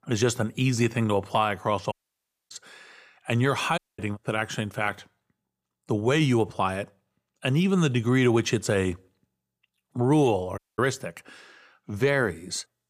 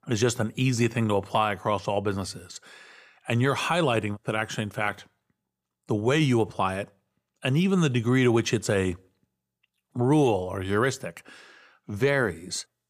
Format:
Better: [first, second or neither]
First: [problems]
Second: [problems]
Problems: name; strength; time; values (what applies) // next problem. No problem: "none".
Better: second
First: audio cutting out; at 2 s for 0.5 s, at 4 s and at 11 s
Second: none